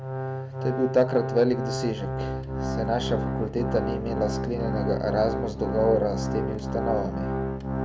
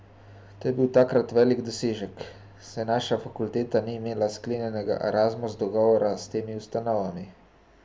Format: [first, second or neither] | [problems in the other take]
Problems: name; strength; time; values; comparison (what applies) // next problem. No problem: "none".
second | background sound (Organ); 2 dB below the speech